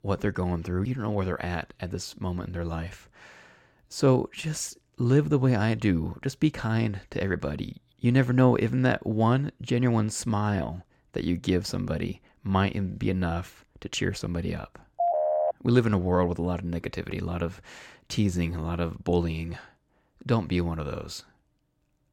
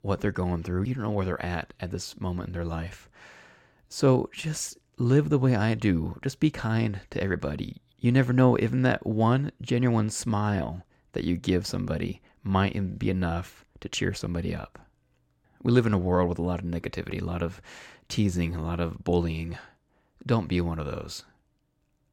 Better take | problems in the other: second | phone ringing; loud; at 15 s; peak 2 dB above the speech

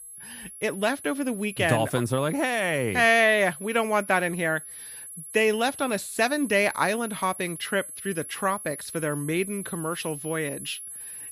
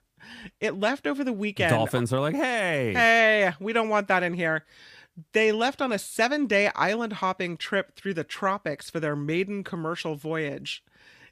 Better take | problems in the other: second | high-pitched whine; noticeable; throughout; 11 kHz, 10 dB below the speech

